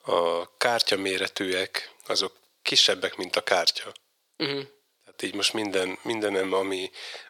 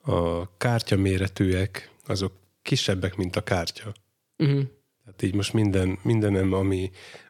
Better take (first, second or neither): second